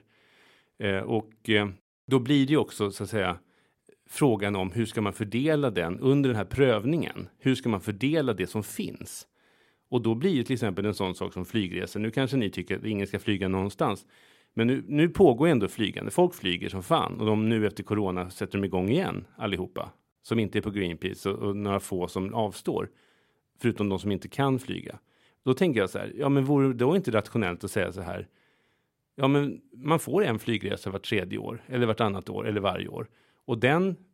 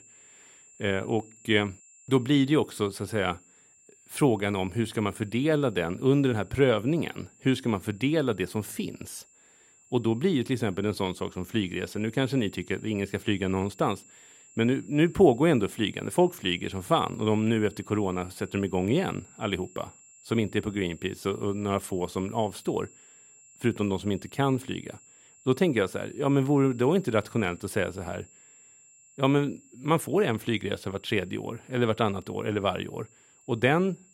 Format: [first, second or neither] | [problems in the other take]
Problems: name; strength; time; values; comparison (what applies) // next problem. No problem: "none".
first | high-pitched whine; faint; throughout; 7.5 kHz, 25 dB below the speech